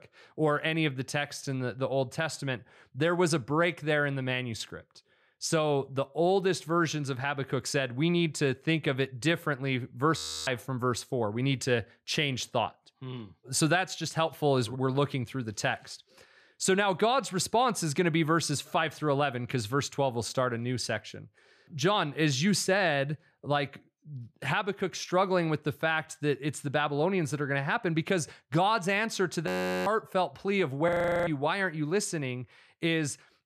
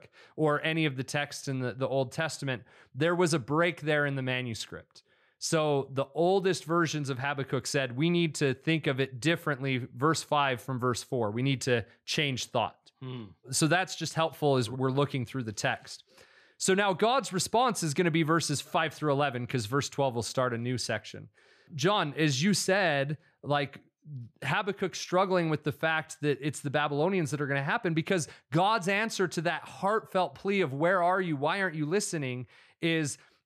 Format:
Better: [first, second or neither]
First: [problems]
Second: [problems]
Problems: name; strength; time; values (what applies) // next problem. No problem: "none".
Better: second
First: audio freezing; at 10 s, at 29 s and at 31 s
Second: none